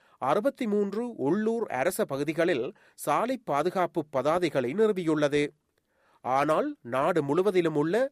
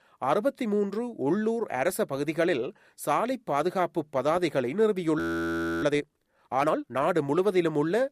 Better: first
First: none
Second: audio freezing; at 5 s for 0.5 s

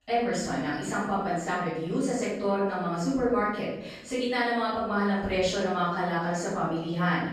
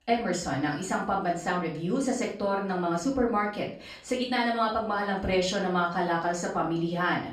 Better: second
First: room echo; strong; dies away in 0.7 s // off-mic speech; far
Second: room echo; slight; dies away in 0.4 s // off-mic speech; far

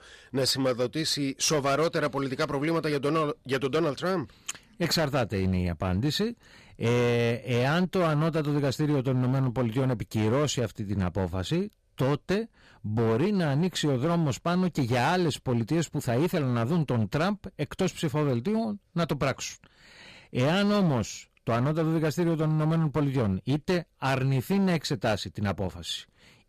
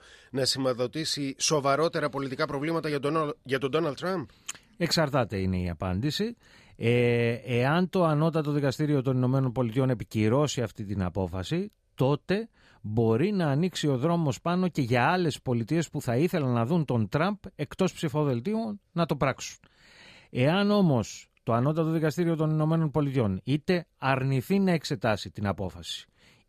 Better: second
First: distortion; slight; 11% of the sound clipped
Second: none

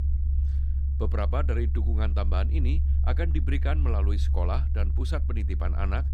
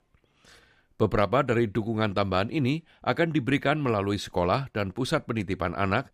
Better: second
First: low rumble; loud; throughout; 9 dB below the speech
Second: none

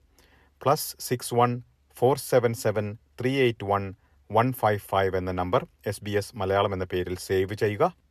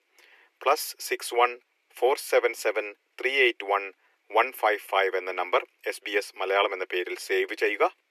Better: first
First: none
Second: thin; very; fading below 300 Hz

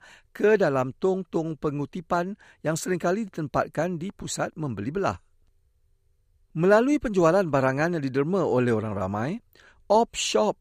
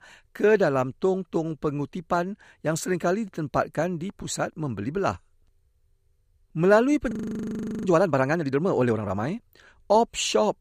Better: first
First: none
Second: audio freezing; at 7 s for 0.5 s

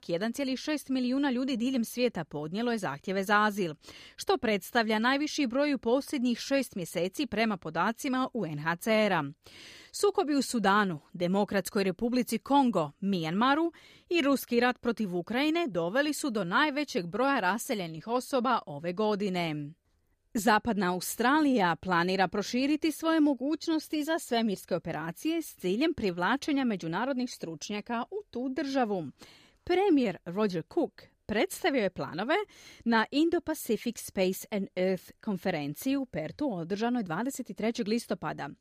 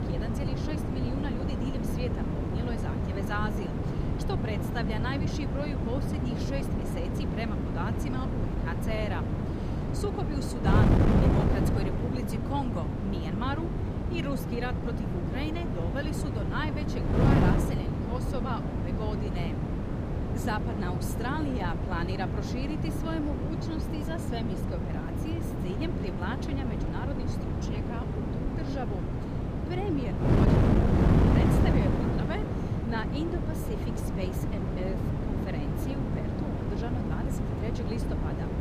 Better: first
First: none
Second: wind noise on the microphone; heavy; 2 dB above the speech

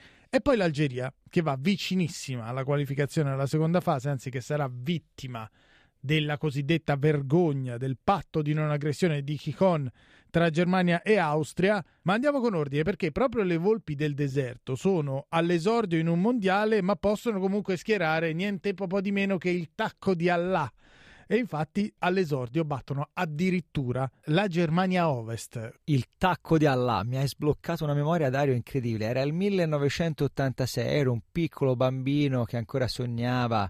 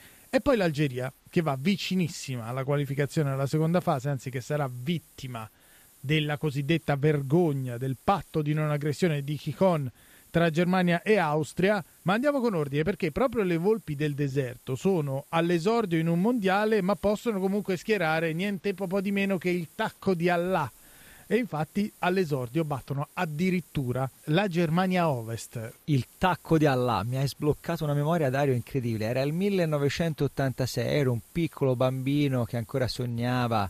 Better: first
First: none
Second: hiss; faint; throughout; 25 dB below the speech

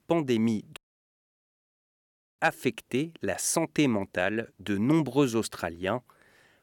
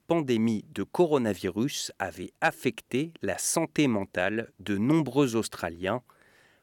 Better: second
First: audio cutting out; at 1 s for 1.5 s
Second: none

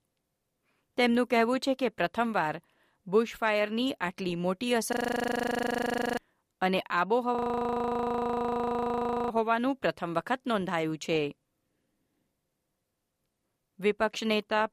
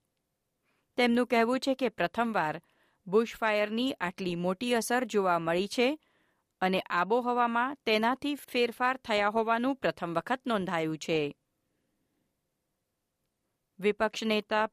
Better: second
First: audio freezing; at 5 s for 1.5 s and at 7.5 s for 2 s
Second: none

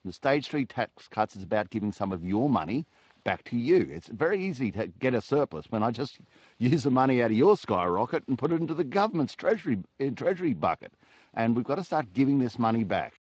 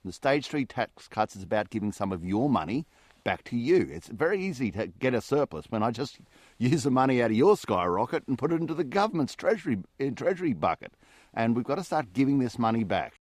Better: second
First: garbled, watery; slightly; nothing above 8 kHz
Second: none

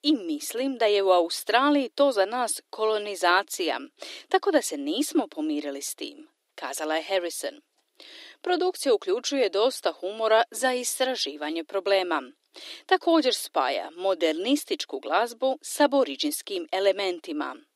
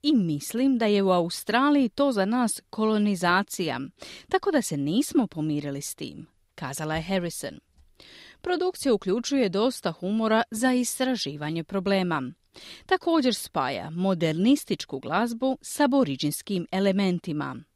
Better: second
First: thin; somewhat; fading below 300 Hz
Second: none

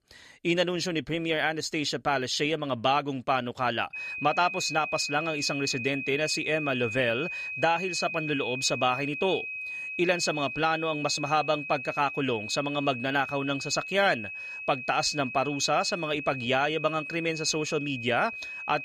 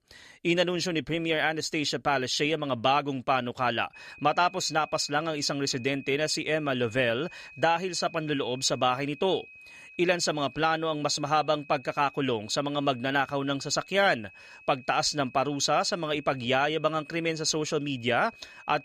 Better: second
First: high-pitched whine; loud; from 4 s on; 2.5 kHz, 6 dB below the speech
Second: high-pitched whine; faint; from 4 s on; 2.5 kHz, 20 dB below the speech

